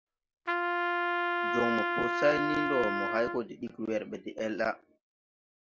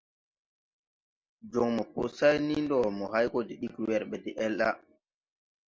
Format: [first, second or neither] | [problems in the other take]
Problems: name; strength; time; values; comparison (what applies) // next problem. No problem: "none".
second | background sound (Trumpet); 2 dB above the speech